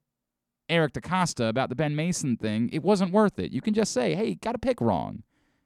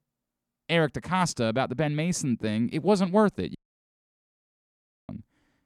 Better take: first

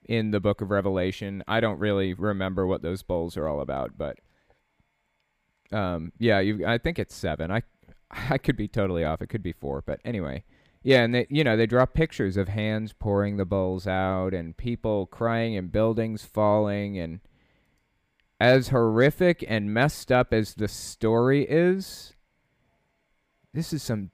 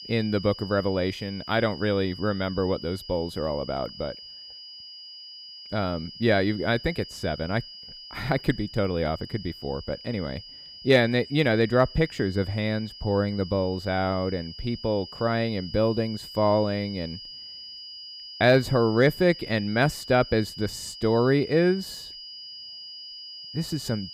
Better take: first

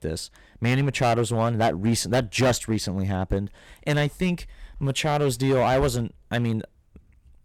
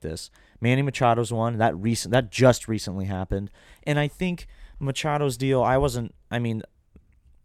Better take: second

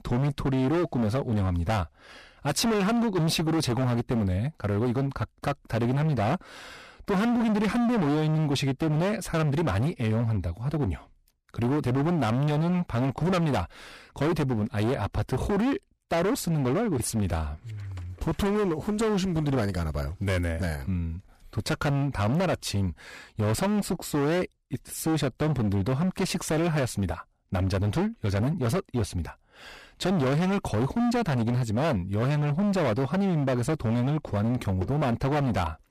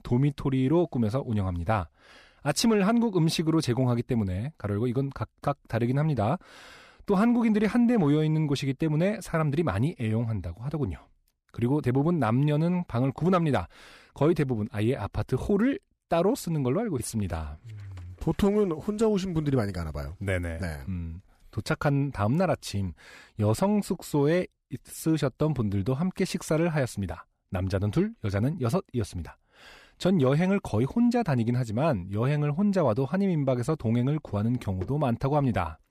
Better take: second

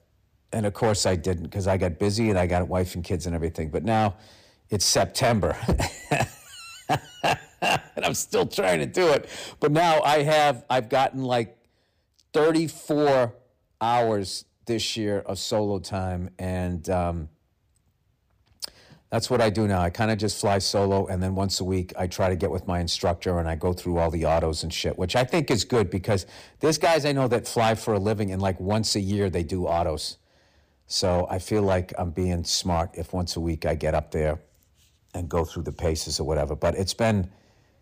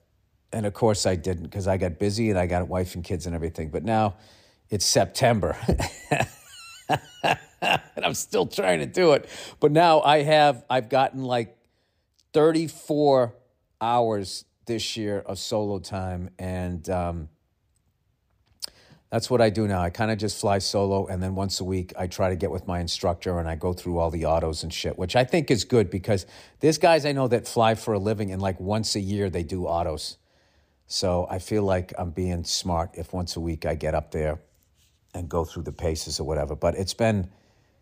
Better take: second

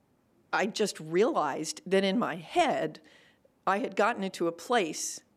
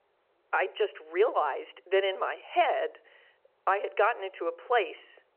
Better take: first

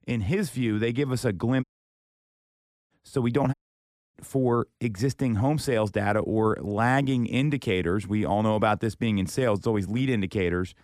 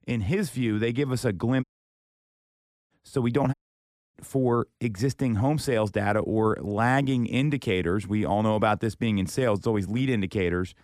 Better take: neither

